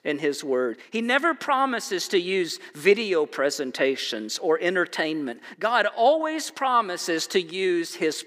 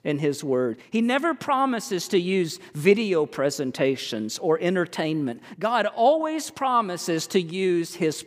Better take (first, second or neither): second